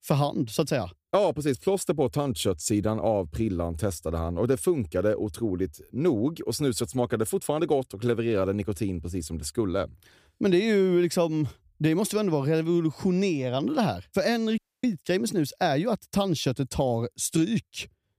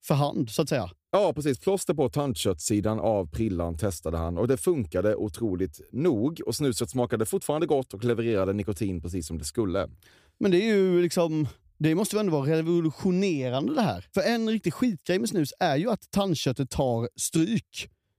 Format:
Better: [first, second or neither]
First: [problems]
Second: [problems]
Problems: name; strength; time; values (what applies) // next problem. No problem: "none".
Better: second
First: audio cutting out; at 15 s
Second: none